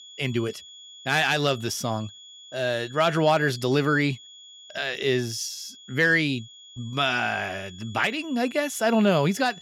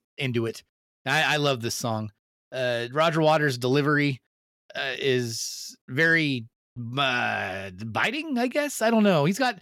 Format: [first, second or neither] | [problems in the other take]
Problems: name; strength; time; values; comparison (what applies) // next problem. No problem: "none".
second | high-pitched whine; noticeable; throughout; 3.5 kHz, 20 dB below the speech